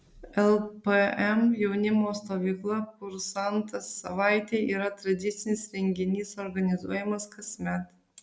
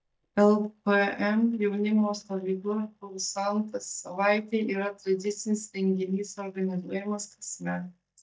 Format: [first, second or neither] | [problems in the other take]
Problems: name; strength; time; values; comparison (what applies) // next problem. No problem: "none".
first | noise reduction (neural mask model DeepFilterNet 3)